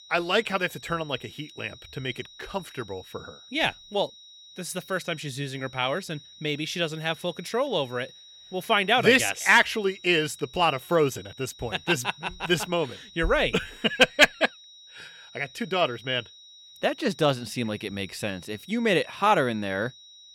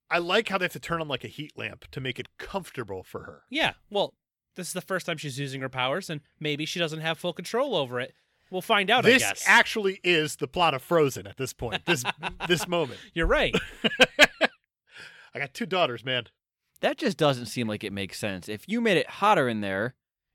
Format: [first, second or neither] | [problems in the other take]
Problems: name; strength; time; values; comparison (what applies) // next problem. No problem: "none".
second | high-pitched whine; faint; throughout; 4 kHz, 20 dB below the speech